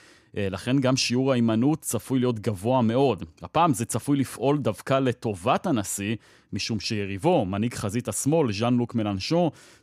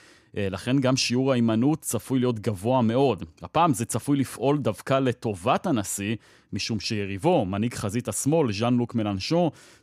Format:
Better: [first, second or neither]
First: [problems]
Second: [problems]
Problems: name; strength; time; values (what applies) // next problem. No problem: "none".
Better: neither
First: none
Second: none